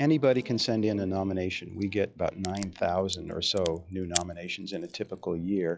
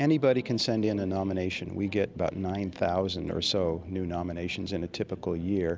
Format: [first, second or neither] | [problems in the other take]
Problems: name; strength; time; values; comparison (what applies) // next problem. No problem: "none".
second | noise reduction (classical method log-MMSE)